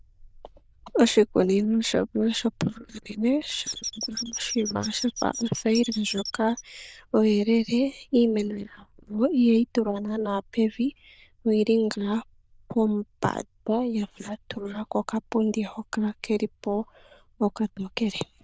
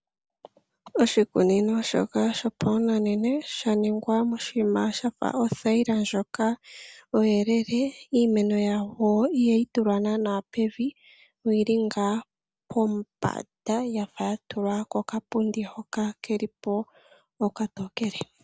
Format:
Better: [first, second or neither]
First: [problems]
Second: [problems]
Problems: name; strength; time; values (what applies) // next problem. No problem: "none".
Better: second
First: noise reduction (neural diffusion model UNIVERSE++)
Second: none